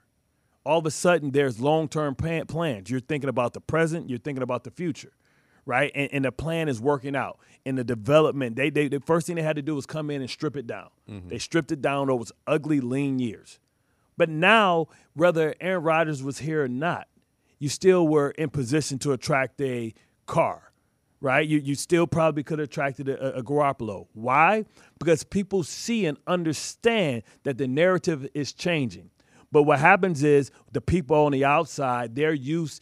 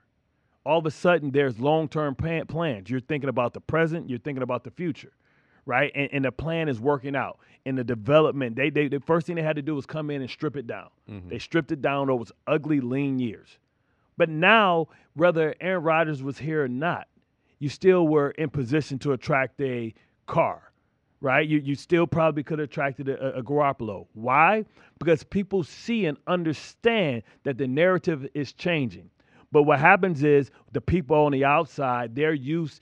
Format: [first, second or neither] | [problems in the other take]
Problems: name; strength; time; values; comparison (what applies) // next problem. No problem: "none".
first | muffled; slightly; fading above 3 kHz